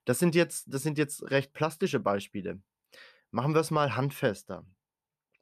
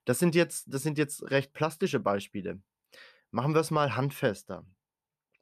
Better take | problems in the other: neither | none

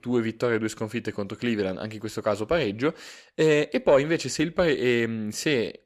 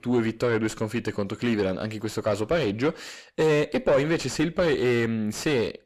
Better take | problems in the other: first | distortion; slight; 9 dB below the speech

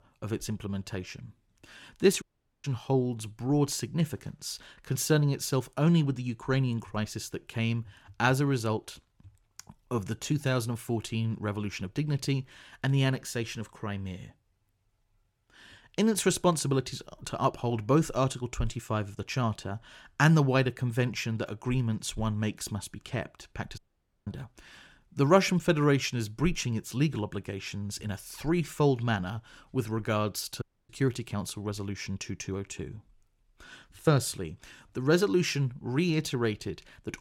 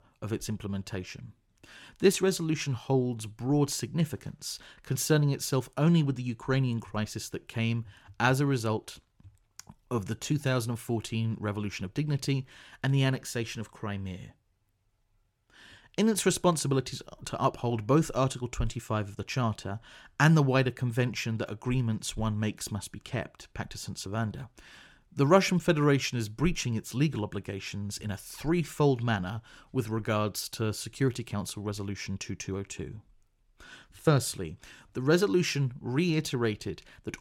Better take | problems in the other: second | audio cutting out; at 2 s, at 24 s and at 31 s

